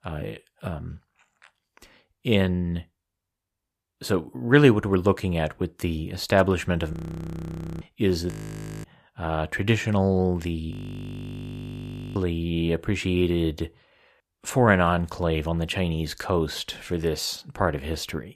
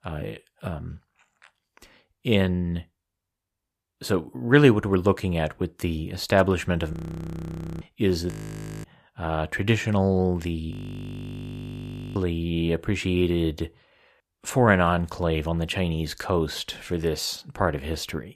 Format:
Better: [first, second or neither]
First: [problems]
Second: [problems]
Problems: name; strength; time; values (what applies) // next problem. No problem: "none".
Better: neither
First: audio freezing; at 7 s for 1 s, at 8.5 s for 0.5 s and at 11 s for 1.5 s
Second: audio freezing; at 7 s for 1 s, at 8.5 s for 0.5 s and at 11 s for 1.5 s